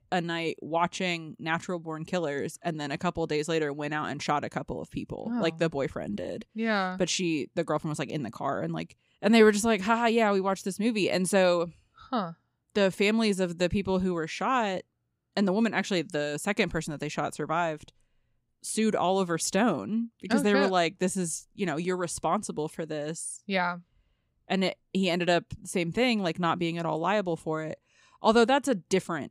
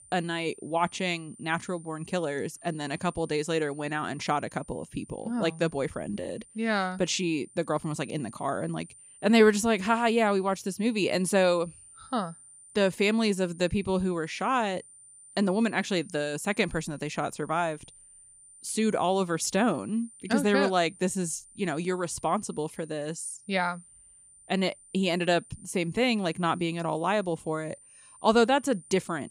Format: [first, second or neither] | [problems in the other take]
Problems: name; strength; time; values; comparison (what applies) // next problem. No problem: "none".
first | high-pitched whine; faint; throughout; 9 kHz, 20 dB below the speech